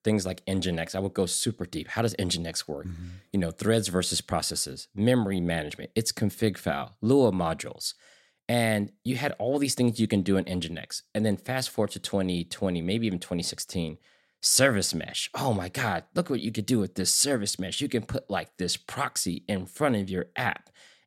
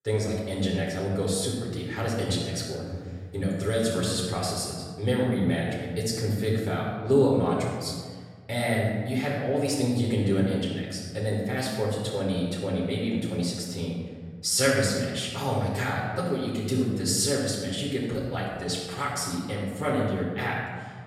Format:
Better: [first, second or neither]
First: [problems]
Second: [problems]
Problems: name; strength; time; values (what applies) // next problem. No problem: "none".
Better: first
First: none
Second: room echo; noticeable; dies away in 1.6 s // off-mic speech; far